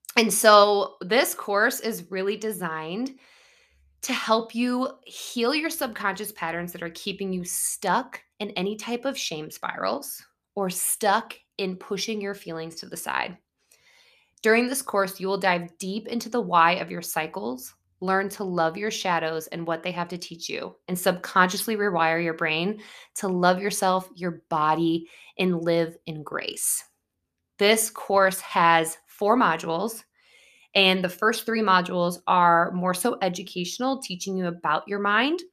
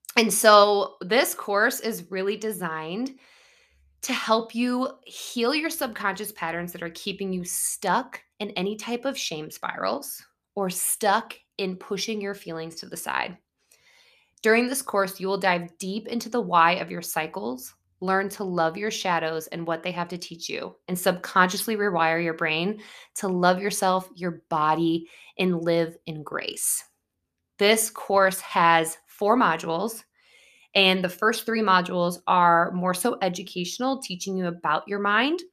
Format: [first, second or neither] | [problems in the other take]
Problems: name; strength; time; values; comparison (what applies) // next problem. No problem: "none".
neither | none